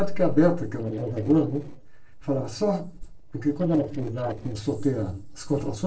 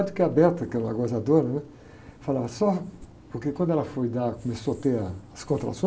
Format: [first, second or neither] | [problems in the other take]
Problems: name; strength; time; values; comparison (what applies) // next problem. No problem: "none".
second | noise reduction (neural separator model SepFormer DNS4)